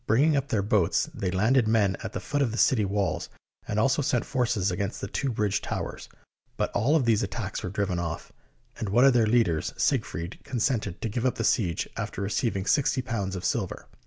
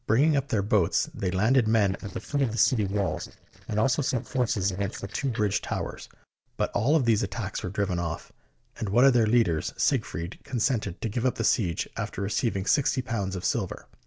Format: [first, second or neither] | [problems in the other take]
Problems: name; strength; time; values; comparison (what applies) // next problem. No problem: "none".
first | noise reduction (neural separator model SepFormer DNS4)